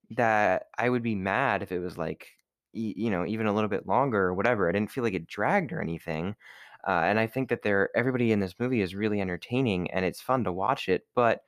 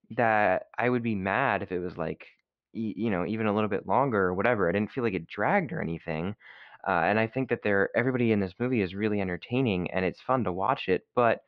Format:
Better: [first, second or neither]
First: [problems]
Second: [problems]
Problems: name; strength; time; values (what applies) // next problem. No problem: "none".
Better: first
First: none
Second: muffled; very slightly; fading above 4 kHz